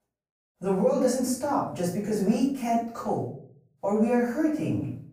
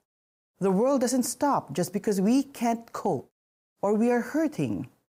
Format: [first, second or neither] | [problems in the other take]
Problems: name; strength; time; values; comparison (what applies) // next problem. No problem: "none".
second | off-mic speech; far // room echo; noticeable; dies away in 0.5 s